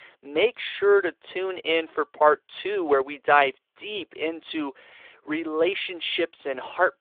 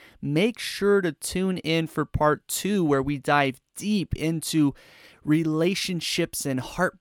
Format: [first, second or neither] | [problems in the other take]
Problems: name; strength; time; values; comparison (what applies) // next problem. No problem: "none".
second | phone-call audio